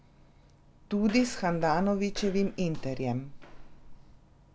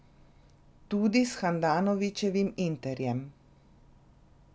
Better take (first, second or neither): second